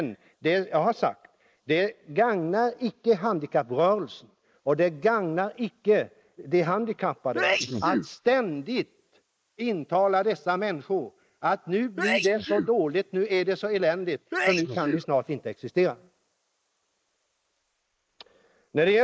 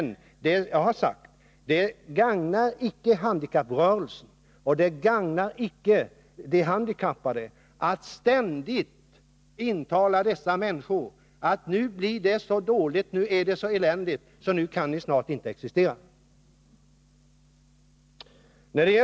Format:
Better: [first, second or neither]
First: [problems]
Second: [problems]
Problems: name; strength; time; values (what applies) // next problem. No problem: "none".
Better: second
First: noise reduction (neural mask model Resemble Enhance denoiser)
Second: none